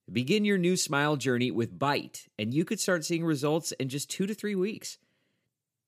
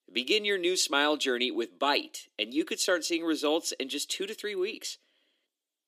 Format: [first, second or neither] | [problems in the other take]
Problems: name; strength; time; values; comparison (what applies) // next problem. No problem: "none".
first | thin; somewhat; fading below 300 Hz